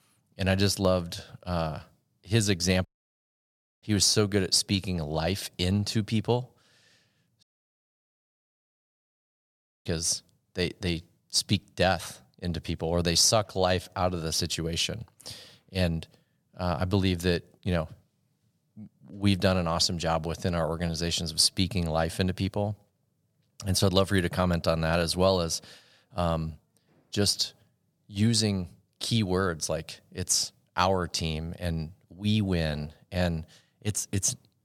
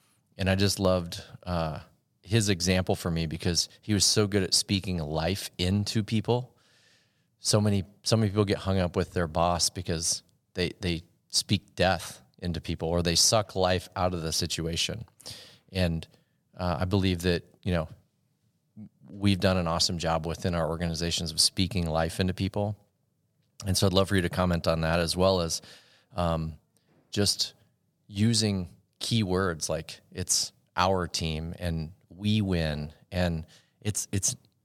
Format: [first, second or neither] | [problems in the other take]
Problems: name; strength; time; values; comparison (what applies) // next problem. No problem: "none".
second | audio cutting out; at 3 s for 1 s and at 7.5 s for 2.5 s